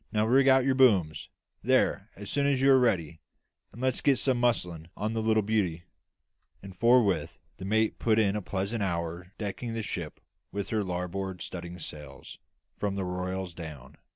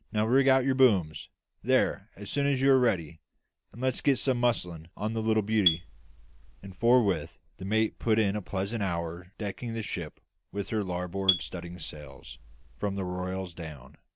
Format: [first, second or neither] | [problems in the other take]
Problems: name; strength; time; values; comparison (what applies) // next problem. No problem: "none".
first | background sound (Marimba, xylophone); 6 dB below the speech